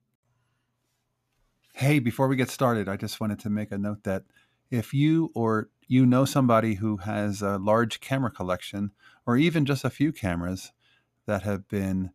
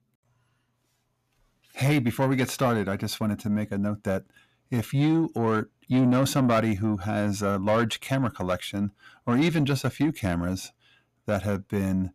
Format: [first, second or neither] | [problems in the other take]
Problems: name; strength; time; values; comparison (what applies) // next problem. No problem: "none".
first | distortion; slight; 10 dB below the speech